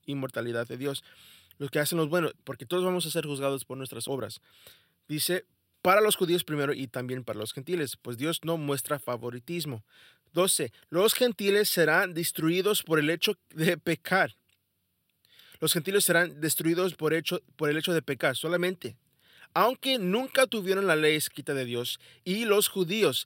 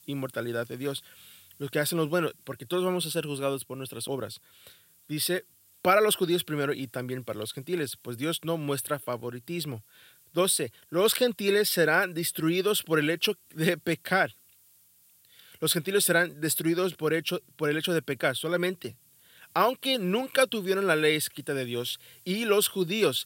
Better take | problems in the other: first | hiss; faint; throughout; 30 dB below the speech

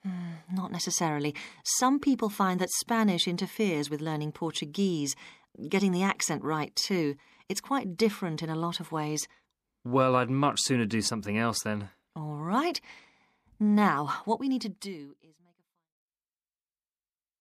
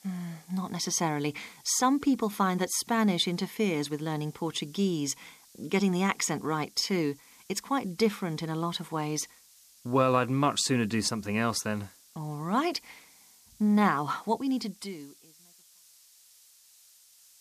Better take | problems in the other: first | hiss; faint; throughout; 25 dB below the speech

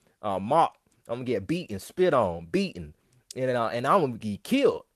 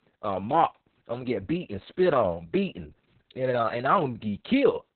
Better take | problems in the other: first | garbled, watery; badly; nothing above 4 kHz; slightly in the first

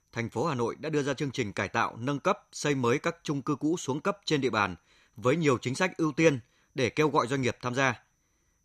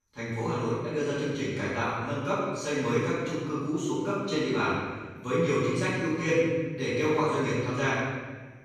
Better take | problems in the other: first | off-mic speech; far // room echo; strong; dies away in 1.3 s

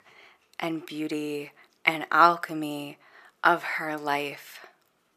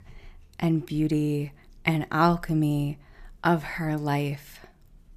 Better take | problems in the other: second | thin; very; fading below 500 Hz

